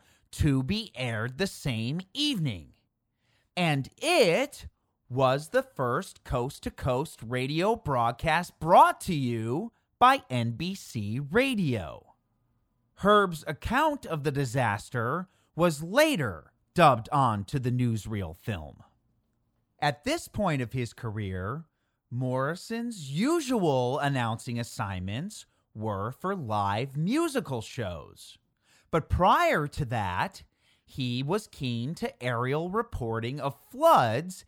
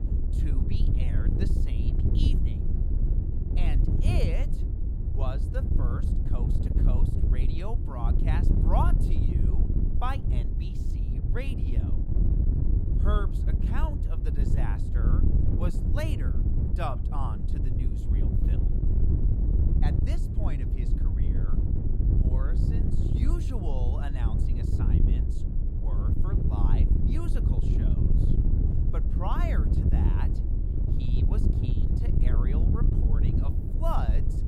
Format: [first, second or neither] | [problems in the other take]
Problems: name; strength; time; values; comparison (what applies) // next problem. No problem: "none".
first | wind noise on the microphone; heavy; 1 dB below the speech